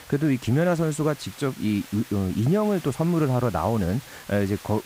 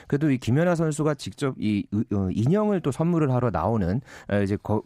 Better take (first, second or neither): second